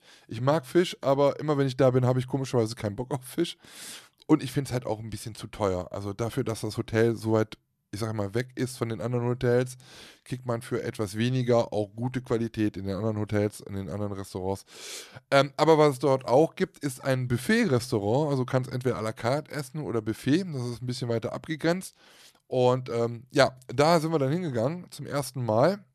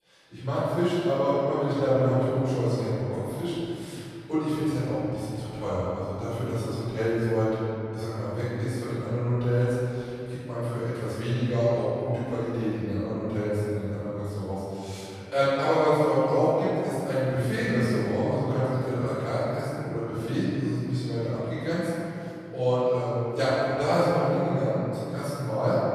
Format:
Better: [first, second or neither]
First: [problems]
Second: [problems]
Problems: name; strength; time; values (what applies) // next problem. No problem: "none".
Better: first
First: none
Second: room echo; strong; dies away in 2.8 s // off-mic speech; far